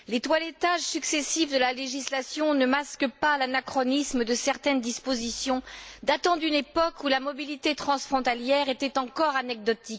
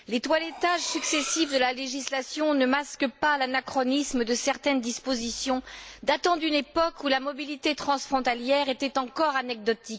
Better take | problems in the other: first | background sound (Cutlery, silverware); 12 dB below the speech

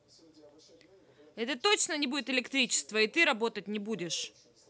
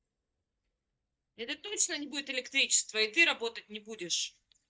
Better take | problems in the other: first | noise reduction (neural mask model DeepFilterNet 3)

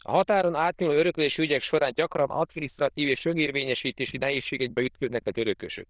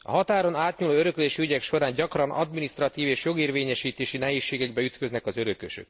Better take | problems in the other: second | noise reduction (neural diffusion model UNIVERSE++)

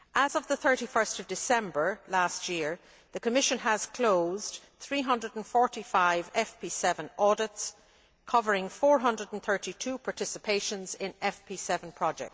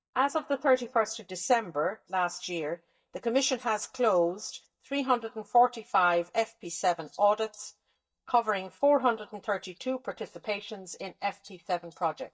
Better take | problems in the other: first | noise reduction (neural mask model DeepFilterNet 3)

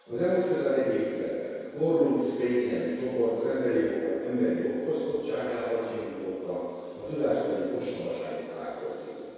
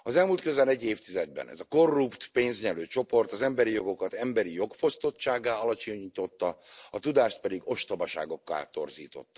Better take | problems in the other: second | room echo; dies away in 2 s

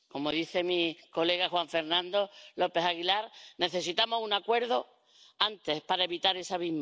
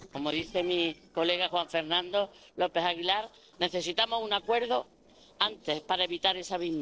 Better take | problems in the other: first | noise reduction (neural separator model SepFormer DNS4)

